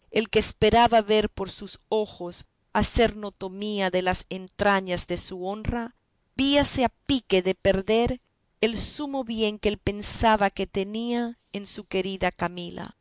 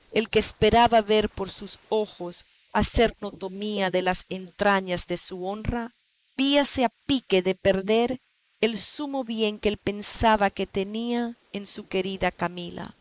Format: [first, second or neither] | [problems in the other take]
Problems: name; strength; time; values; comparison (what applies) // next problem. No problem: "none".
first | noise reduction (neural mask model Resemble Enhance denoiser)